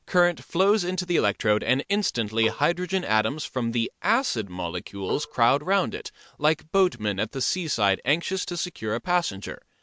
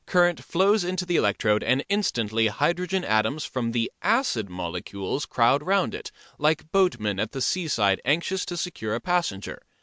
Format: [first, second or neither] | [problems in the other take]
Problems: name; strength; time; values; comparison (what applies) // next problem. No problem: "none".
second | background sound (Marimba, xylophone); 17 dB below the speech